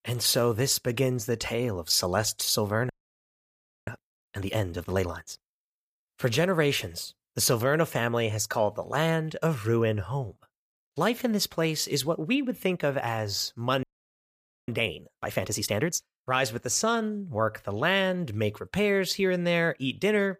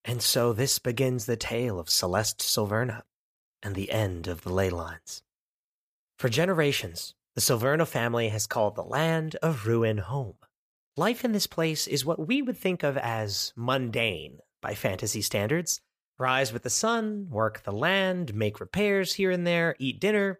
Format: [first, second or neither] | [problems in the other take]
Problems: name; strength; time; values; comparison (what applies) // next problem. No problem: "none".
second | audio freezing; at 3 s for 1 s and at 14 s for 1 s